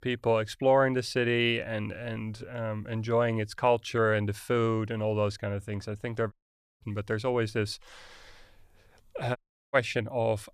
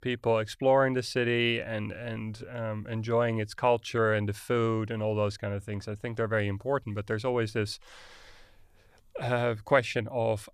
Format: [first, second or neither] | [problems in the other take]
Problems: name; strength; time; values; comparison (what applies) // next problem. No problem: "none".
second | audio cutting out; at 6.5 s and at 9.5 s